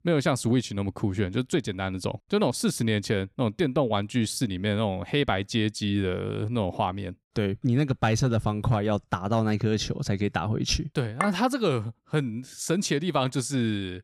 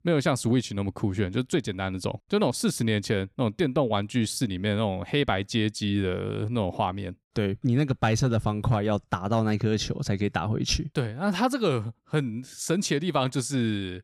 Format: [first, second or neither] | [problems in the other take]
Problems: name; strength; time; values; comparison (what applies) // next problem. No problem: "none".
second | clattering dishes; noticeable; at 11 s; peak 5 dB below the speech